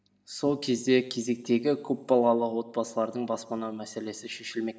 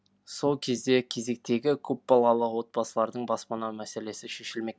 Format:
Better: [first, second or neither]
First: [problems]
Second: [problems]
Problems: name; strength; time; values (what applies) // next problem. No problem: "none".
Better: second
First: room echo; dies away in 2.1 s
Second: none